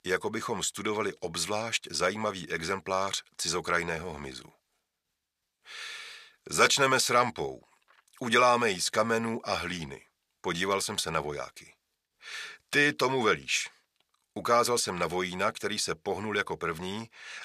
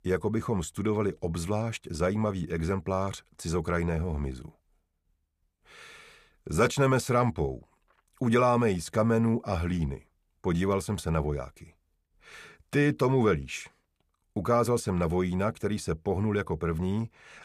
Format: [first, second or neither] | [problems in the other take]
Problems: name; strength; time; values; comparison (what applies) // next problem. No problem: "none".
second | thin; somewhat; fading below 900 Hz